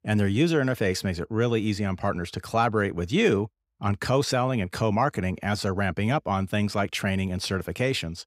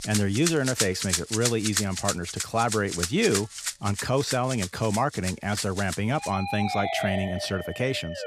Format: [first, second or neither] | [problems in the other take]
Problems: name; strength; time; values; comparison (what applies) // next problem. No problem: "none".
first | background music; loud; throughout; 4 dB below the speech